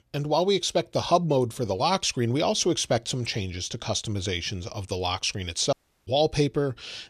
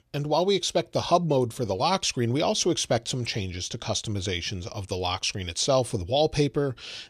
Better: second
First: audio cutting out; at 5.5 s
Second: none

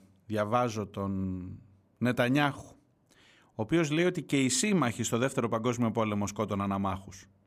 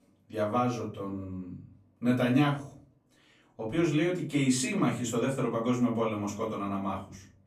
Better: first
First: none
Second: off-mic speech; far // room echo; slight; dies away in 0.3 s

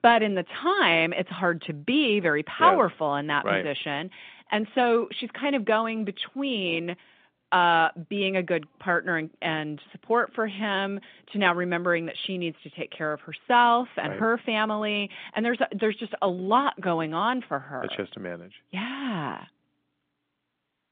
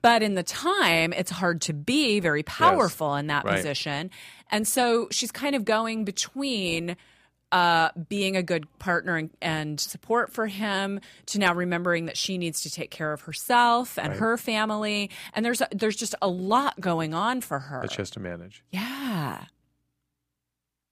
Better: second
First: phone-call audio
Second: none

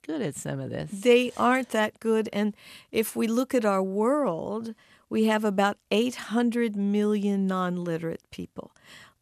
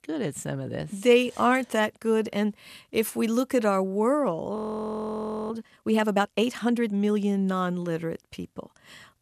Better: first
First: none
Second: audio freezing; at 4.5 s for 1 s

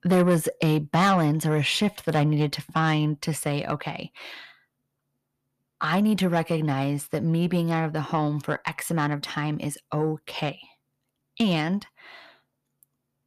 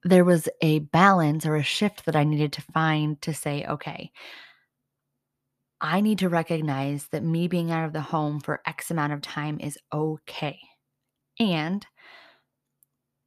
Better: second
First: distortion; slight; 10 dB below the speech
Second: none

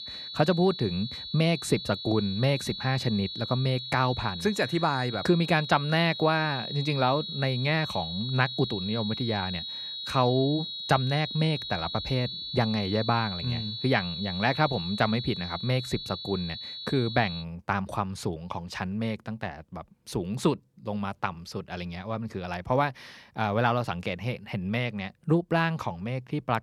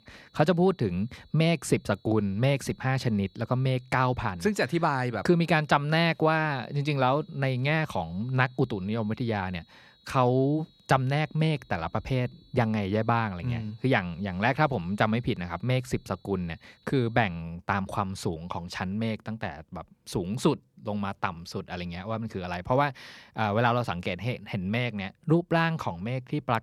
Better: second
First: high-pitched whine; loud; until 17 s; 4 kHz, 6 dB below the speech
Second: high-pitched whine; faint; until 17 s; 4 kHz, 35 dB below the speech

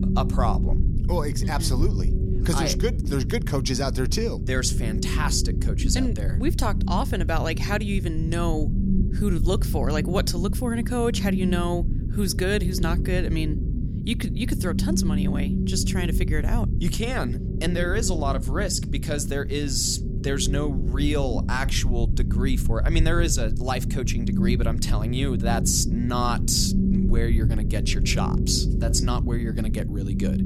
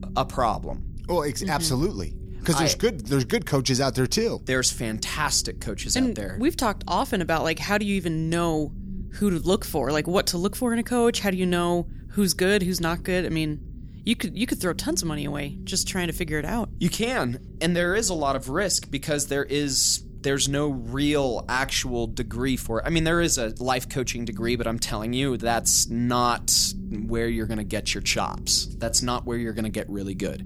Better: second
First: low rumble; loud; throughout; 8 dB below the speech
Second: low rumble; faint; throughout; 25 dB below the speech

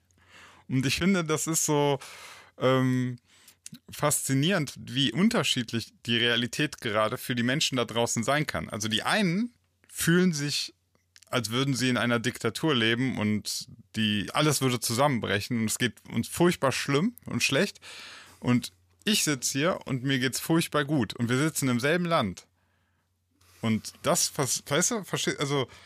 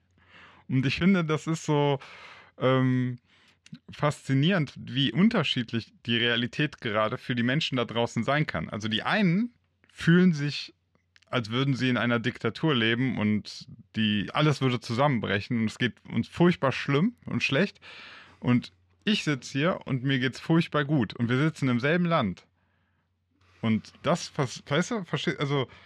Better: first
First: none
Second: muffled; slightly; fading above 3 kHz

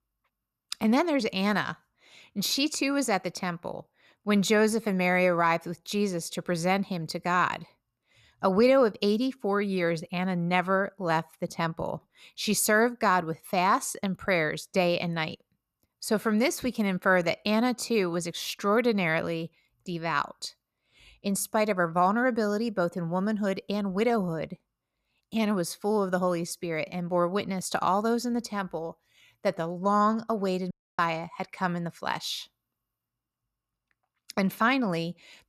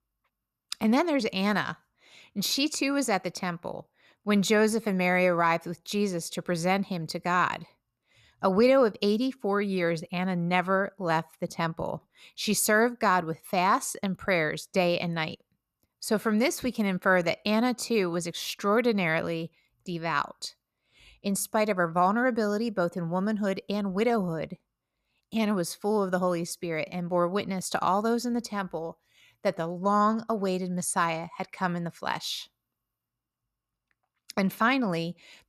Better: second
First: audio cutting out; at 31 s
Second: none

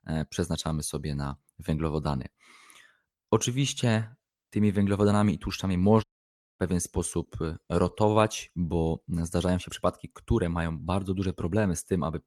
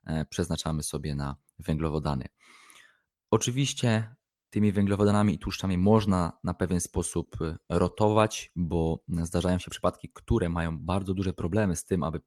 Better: second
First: audio cutting out; at 6 s for 0.5 s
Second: none

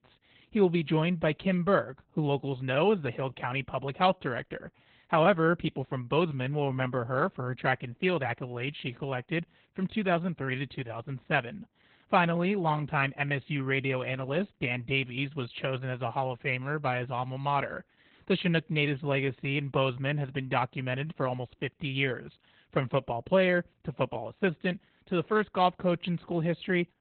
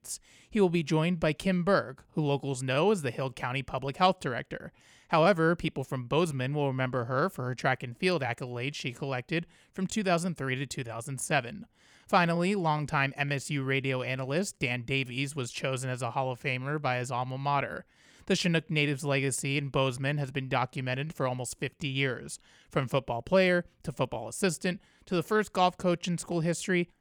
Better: second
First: garbled, watery; badly; nothing above 3.5 kHz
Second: none

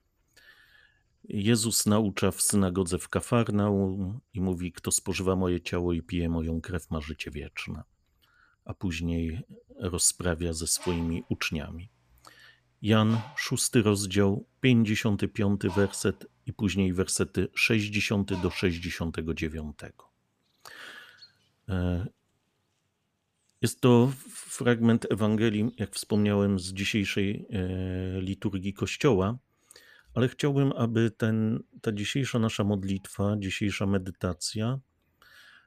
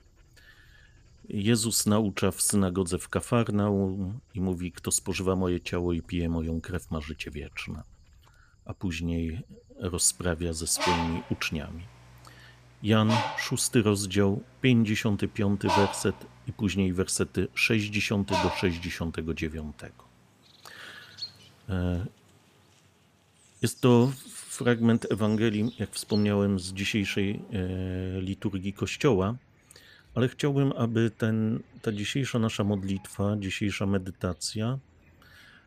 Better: first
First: animal sounds; faint; throughout; 20 dB below the speech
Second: animal sounds; loud; throughout; 6 dB below the speech

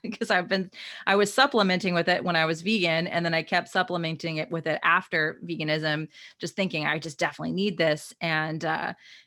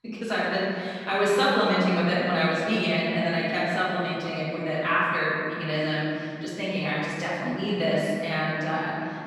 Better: first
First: none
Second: room echo; strong; dies away in 2.7 s // off-mic speech; far

